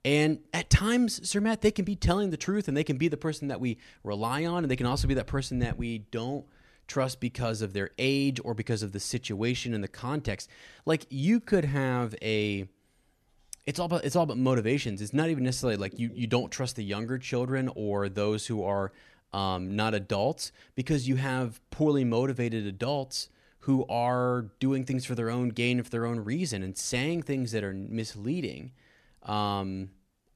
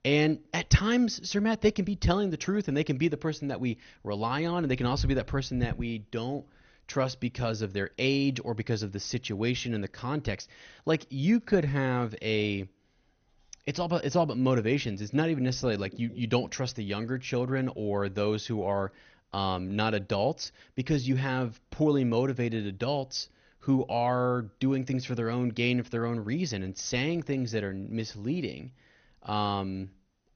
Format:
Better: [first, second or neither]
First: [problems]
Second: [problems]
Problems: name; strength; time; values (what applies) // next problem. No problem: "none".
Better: first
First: none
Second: garbled, watery; slightly; nothing above 6.5 kHz